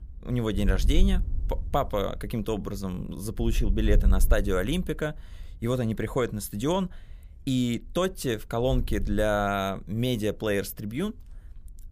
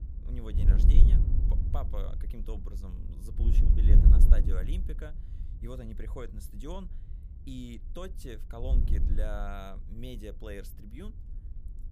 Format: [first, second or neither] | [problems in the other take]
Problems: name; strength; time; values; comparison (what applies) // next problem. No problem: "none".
first | wind noise on the microphone; heavy; as loud as the speech; occasional gusts in the first